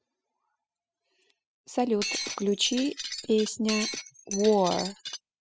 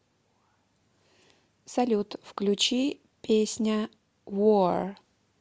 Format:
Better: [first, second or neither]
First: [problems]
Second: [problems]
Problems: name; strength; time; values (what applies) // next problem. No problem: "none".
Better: second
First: noise reduction (classical method spectral subtraction)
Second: none